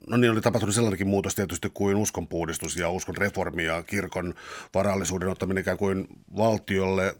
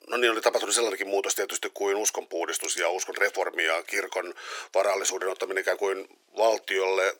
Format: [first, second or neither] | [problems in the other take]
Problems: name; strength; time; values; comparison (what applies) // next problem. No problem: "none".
first | thin; very; fading below 350 Hz